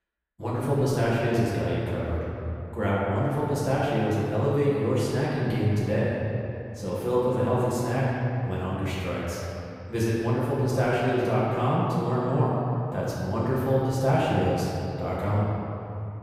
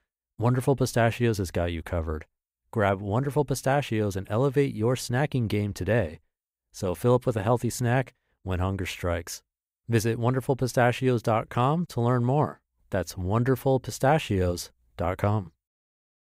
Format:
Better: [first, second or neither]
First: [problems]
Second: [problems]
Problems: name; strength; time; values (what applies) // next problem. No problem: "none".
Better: second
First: off-mic speech; far // room echo; strong; dies away in 2.7 s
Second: none